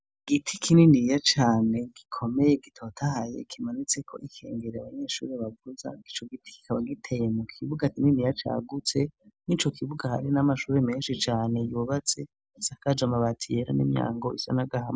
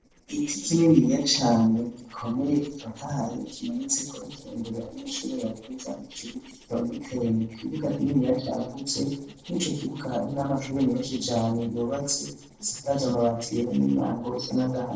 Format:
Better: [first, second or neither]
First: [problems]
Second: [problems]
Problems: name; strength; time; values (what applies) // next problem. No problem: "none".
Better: first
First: none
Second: noise reduction (neural separator model SepFormer DNS4)